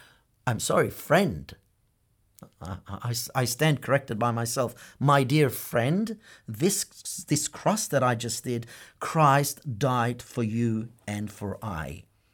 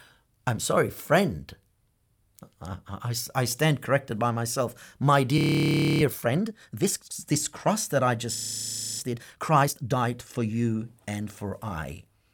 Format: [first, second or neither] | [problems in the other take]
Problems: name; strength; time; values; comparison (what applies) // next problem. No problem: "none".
first | audio freezing; at 5.5 s for 0.5 s and at 8.5 s for 0.5 s